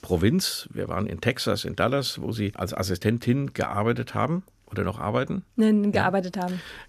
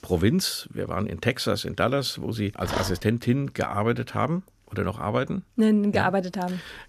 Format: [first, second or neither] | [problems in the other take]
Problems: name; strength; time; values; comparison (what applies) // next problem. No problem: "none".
first | dog barking; noticeable; at 2.5 s; peak 6 dB below the speech